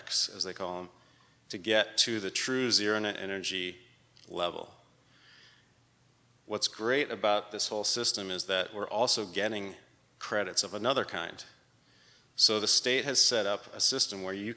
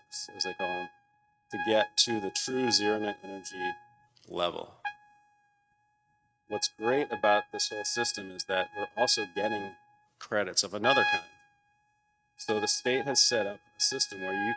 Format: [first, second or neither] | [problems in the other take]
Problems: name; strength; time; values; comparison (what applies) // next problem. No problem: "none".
first | noise reduction (neural mask model RNNoise)